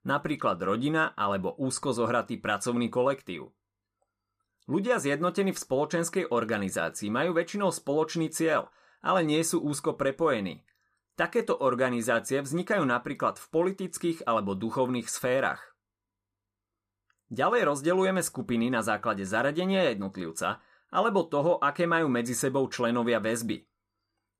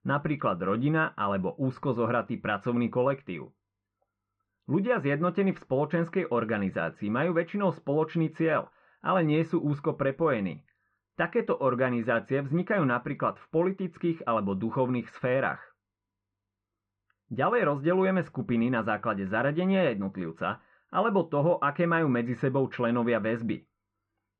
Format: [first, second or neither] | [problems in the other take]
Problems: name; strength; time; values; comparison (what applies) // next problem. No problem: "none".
first | muffled; very; fading above 2.5 kHz